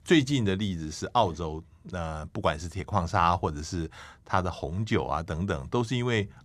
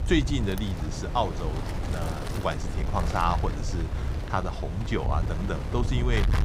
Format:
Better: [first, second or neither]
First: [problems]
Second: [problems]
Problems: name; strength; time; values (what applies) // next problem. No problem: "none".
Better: first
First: none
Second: wind noise on the microphone; heavy; 8 dB below the speech